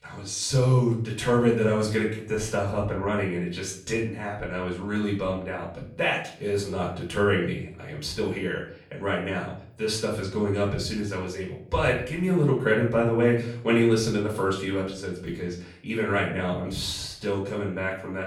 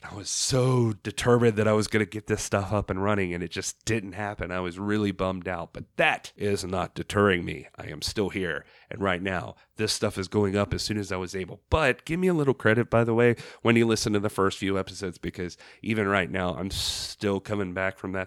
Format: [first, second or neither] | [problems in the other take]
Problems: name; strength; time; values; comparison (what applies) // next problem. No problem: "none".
second | room echo; slight; dies away in 0.5 s // off-mic speech; far